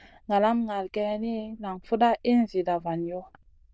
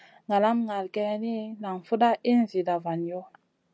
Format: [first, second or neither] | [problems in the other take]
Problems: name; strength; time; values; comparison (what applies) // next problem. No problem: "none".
second | noise reduction (neural diffusion model UNIVERSE++)